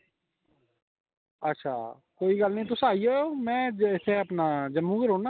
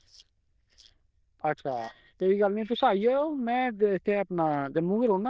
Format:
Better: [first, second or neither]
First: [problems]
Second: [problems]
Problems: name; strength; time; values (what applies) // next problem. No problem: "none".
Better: first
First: none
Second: noise reduction (neural diffusion model UNIVERSE++)